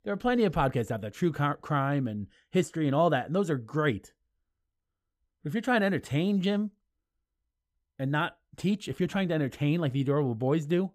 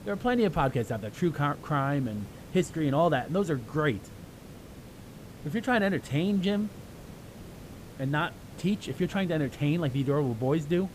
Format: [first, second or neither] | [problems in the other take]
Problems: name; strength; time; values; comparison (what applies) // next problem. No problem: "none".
first | hiss; noticeable; throughout; 15 dB below the speech